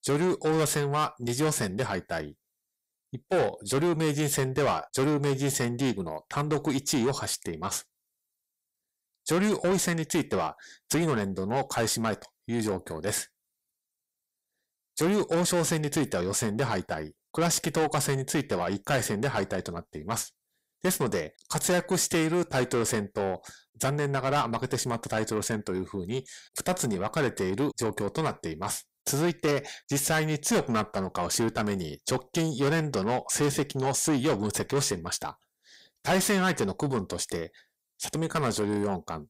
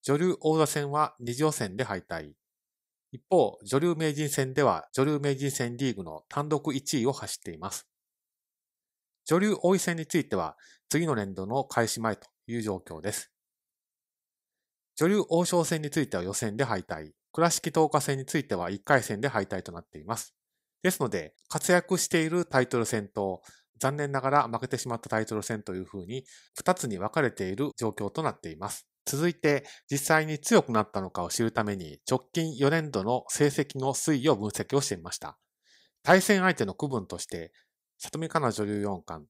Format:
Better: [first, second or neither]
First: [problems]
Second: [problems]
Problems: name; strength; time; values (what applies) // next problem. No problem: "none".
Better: second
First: distortion; heavy; 6 dB below the speech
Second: none